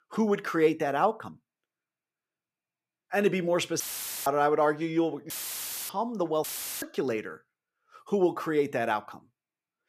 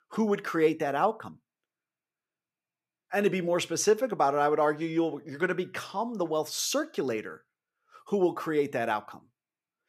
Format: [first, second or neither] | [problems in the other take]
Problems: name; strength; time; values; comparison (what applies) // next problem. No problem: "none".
second | audio cutting out; filled with static; at 4 s, at 5.5 s for 0.5 s and at 6.5 s